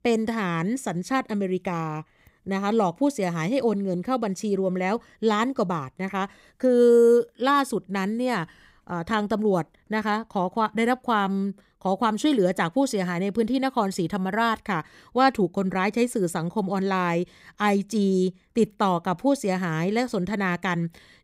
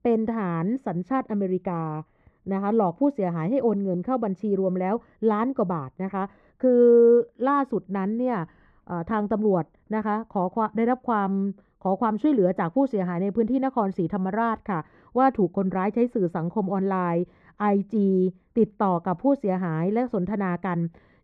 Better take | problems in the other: first | muffled; very; fading above 3.5 kHz

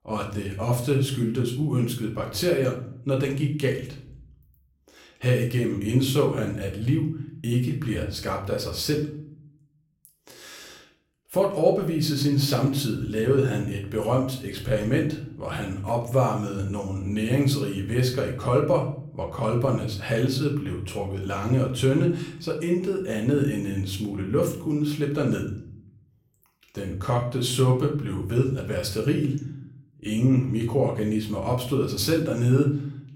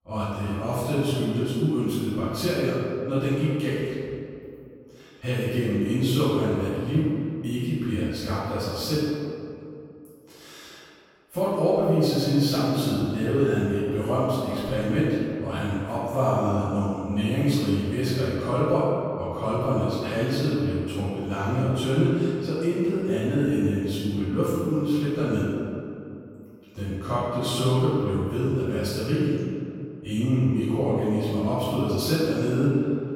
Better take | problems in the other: first | room echo; strong; dies away in 2.3 s; slight in the first // off-mic speech; far; somewhat distant in the first

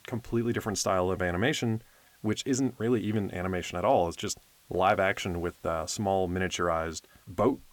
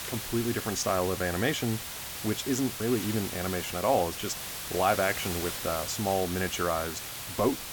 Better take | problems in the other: first | hiss; loud; throughout; 5 dB below the speech; faint in the first

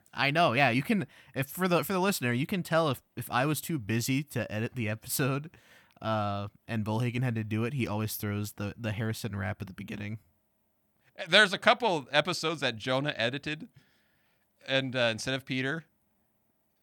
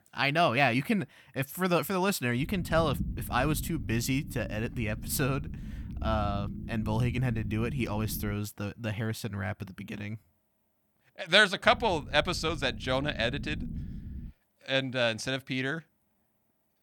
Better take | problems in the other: first | low rumble; faint; from 2.5 to 8.5 s and from 12 to 14 s; 20 dB below the speech

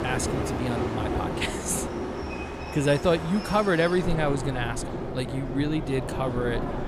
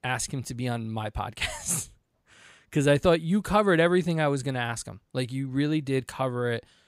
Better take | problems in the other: second | train or aircraft noise; loud; throughout; 4 dB below the speech

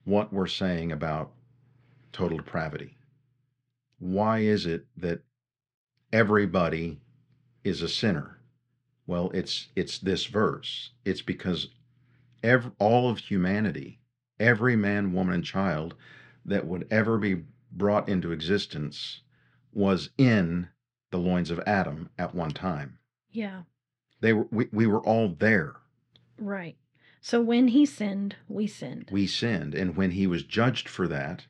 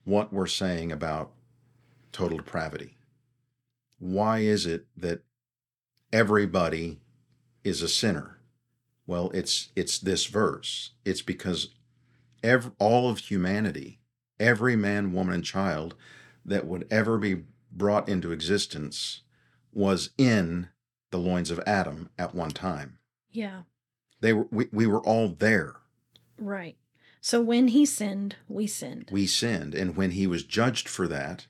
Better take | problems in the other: second | muffled; very slightly; fading above 3 kHz

